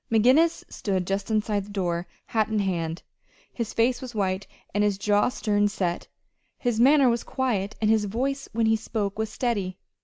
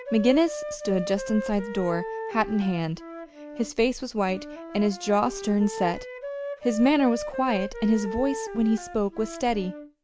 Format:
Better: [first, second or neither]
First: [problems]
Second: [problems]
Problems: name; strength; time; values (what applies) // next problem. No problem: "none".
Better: first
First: none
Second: background sound (Wind instrument, woodwind instrument); 10 dB below the speech